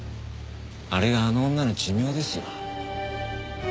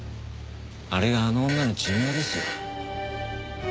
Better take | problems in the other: first | background sound (Fart); 8 dB below the speech

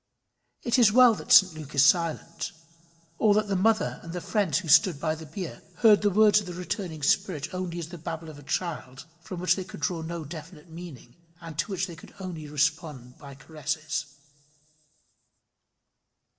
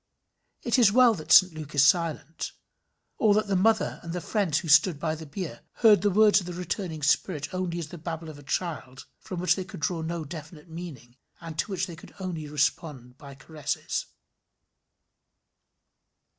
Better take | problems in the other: second | room echo; dies away in 1.9 s

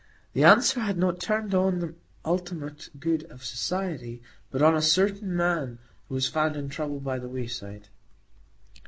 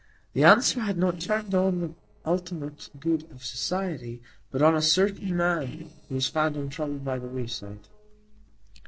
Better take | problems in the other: first | noise reduction (neural separator model SepFormer DNS4)

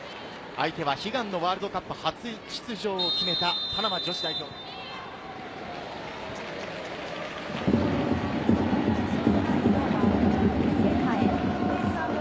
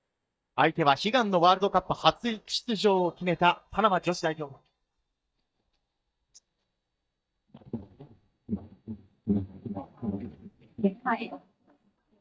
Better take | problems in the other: first | noise reduction (neural mask model DeepFilterNet 3)

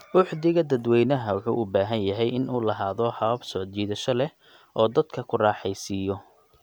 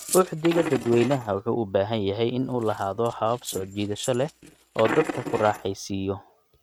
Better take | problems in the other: first | noise reduction (neural mask model RNNoise)

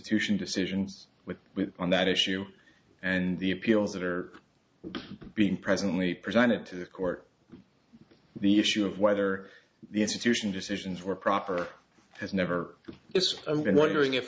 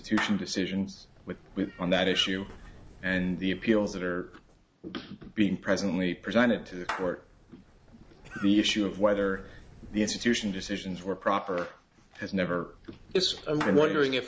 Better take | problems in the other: first | background sound (Meow / Clapping + Cough); 16 dB below the speech

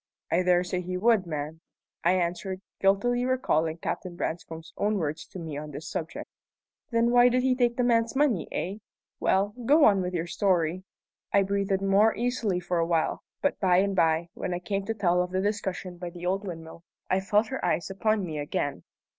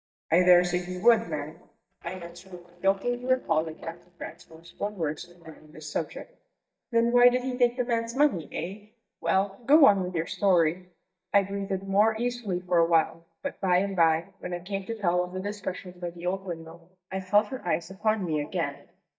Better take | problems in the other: first | noise reduction (neural mask model DeepFilterNet 3)

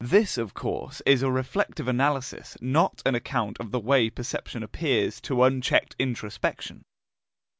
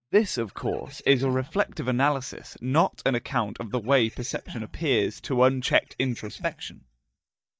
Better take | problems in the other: first | noise reduction (neural mask model DeepFilterNet 3)

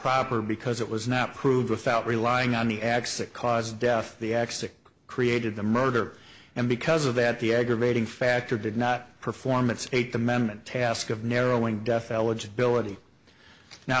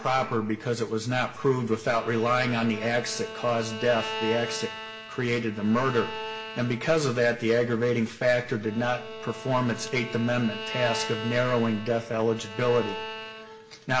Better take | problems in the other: first | background sound (Bowed string instrument); 12 dB below the speech // room echo; dies away in 0.5 s

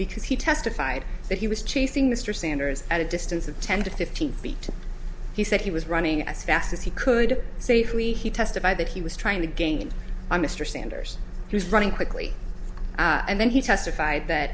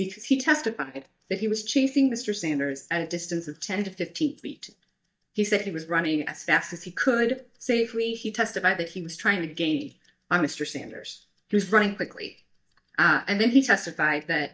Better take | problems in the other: first | noise reduction (neural mask model DeepFilterNet 3)

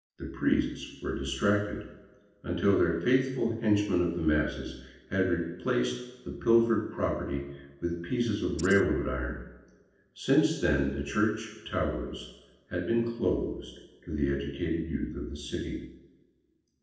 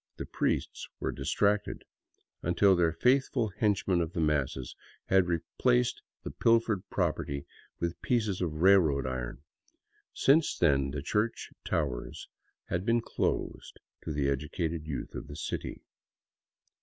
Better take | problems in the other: second | noise reduction (neural separator model SepFormer DNS4)

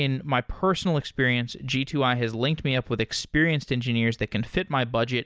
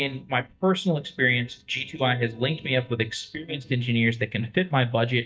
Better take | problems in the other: first | noise reduction (neural mask model DeepFilterNet 3)

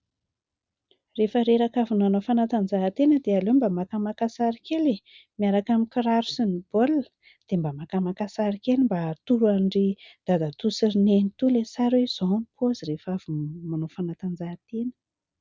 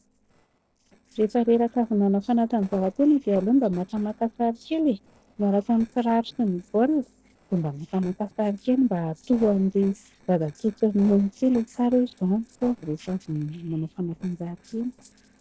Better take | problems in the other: first | noise reduction (neural separator model SepFormer DNS4)

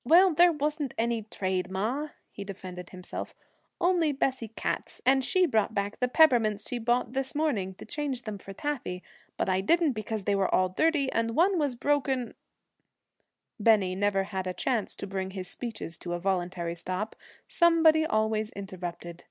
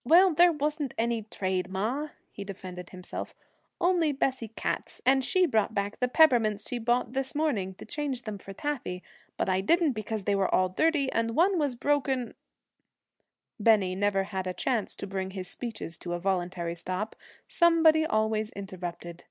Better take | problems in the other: first | noise reduction (neural mask model Resemble Enhance denoiser)

